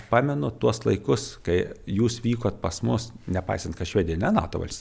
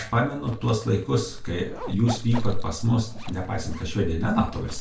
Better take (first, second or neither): first